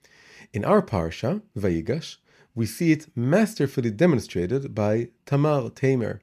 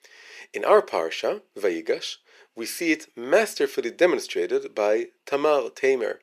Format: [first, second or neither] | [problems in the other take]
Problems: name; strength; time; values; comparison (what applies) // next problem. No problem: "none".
first | thin; very; fading below 400 Hz